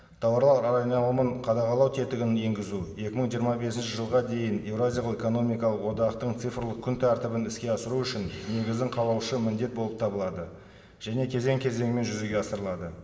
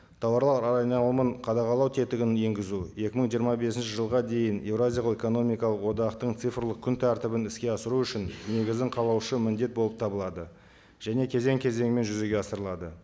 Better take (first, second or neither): second